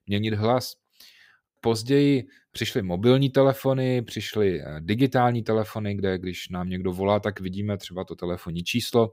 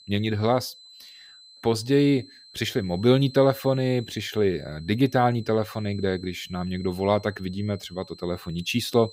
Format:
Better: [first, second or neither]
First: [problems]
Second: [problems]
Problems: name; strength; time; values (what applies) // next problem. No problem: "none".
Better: first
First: none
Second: high-pitched whine; faint; throughout; 4 kHz, 20 dB below the speech